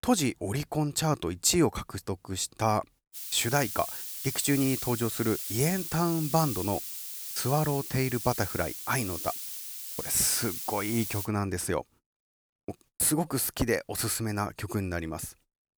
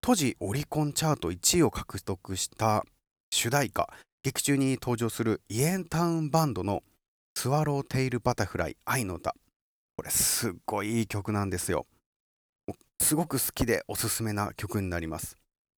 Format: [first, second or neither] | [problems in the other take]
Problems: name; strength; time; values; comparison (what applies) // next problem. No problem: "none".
second | hiss; loud; from 3 to 11 s; 6 dB below the speech